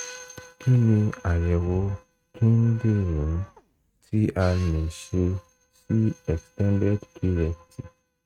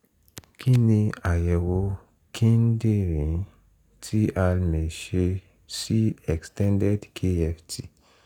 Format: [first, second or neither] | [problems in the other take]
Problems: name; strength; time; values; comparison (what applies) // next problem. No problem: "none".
second | noise reduction (neural mask model RNNoise)